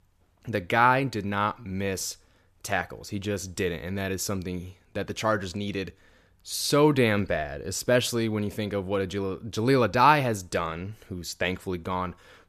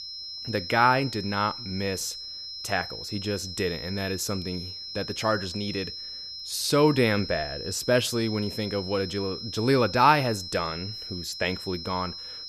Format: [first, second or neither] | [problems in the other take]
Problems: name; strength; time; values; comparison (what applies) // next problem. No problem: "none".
first | high-pitched whine; loud; throughout; 5 kHz, 8 dB below the speech